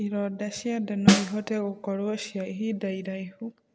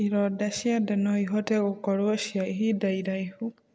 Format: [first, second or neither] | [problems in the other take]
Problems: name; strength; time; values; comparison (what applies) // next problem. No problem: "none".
second | background sound (Snare drum); 2 dB above the speech